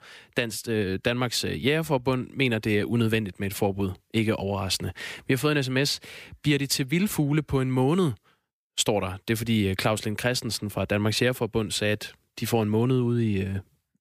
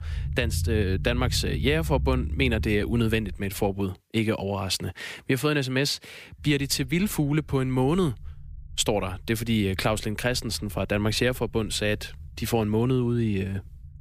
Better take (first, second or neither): first